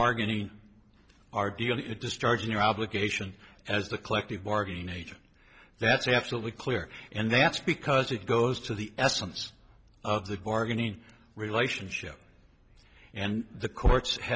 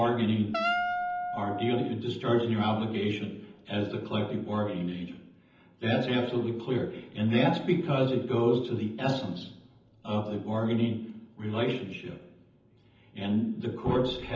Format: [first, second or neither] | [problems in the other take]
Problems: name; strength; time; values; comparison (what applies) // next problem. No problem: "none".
first | background sound (Wind instrument, woodwind instrument); 3 dB below the speech // room echo; dies away in 0.8 s